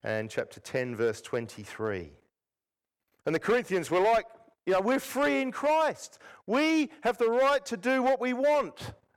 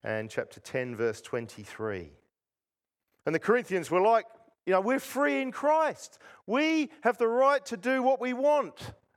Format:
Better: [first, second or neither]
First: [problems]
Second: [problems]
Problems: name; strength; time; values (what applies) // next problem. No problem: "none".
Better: second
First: distortion; slight; 6% of the sound clipped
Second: none